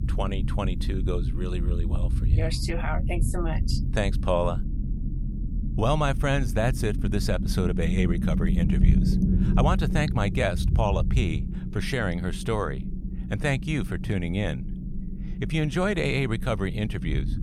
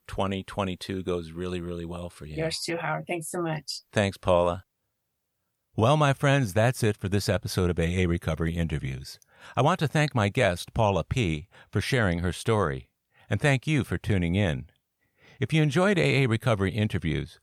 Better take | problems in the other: second | low rumble; loud; throughout; 10 dB below the speech

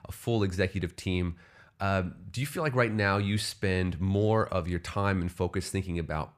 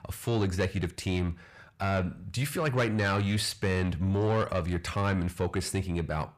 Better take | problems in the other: first | distortion; slight; 10 dB below the speech

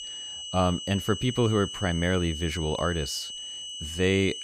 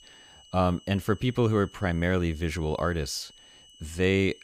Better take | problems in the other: second | high-pitched whine; loud; throughout; 3 kHz, 8 dB below the speech; faint in the second

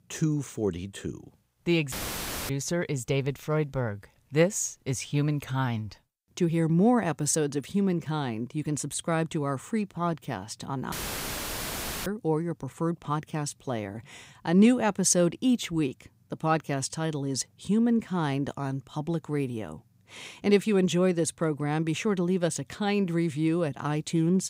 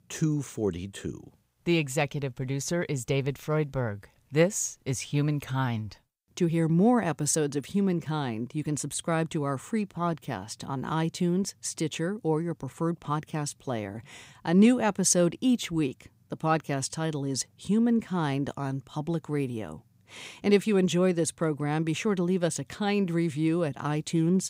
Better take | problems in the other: second | audio cutting out; filled with static; at 2 s for 0.5 s and at 11 s for 1 s

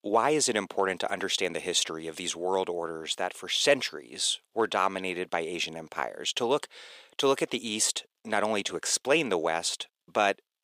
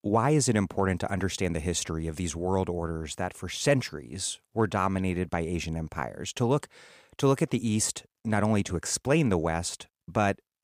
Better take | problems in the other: second | thin; somewhat; fading below 450 Hz

